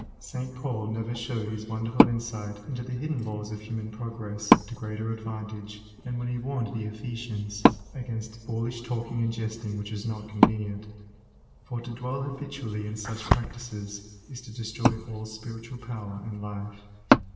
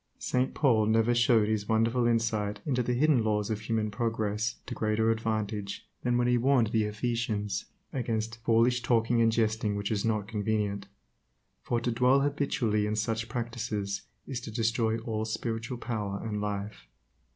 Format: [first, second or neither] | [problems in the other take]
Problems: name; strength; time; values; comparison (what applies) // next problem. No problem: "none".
second | background sound (Wood); 2 dB above the speech // room echo; dies away in 1.3 s